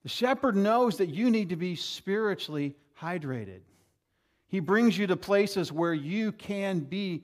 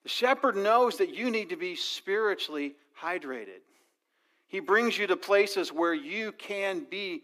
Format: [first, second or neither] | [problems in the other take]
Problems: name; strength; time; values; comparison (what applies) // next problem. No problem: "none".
first | thin; somewhat; fading below 300 Hz